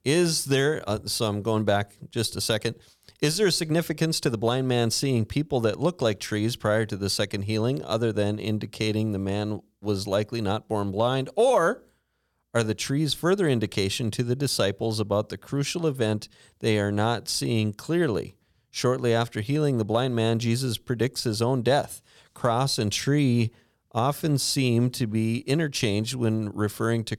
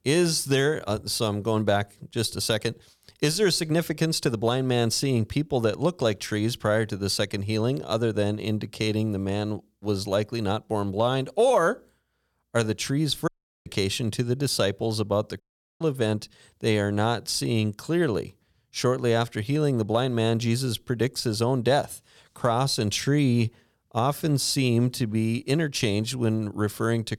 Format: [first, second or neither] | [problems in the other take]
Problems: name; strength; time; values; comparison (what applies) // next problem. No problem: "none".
first | audio cutting out; at 13 s and at 15 s